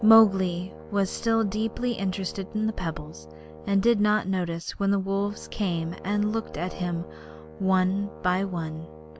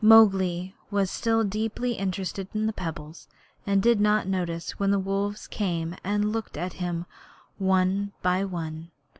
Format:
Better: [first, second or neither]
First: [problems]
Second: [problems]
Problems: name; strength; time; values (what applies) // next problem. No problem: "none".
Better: second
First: background sound (Brass instrument); 17 dB below the speech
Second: none